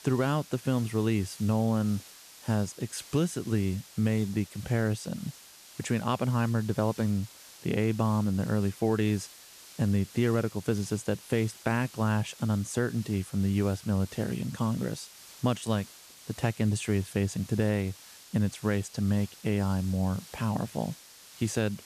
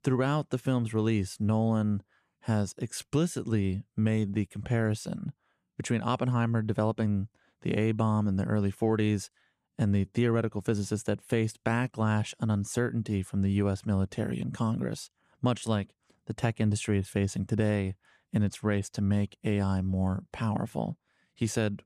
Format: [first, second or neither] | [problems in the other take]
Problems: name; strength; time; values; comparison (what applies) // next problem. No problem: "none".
second | hiss; noticeable; throughout; 20 dB below the speech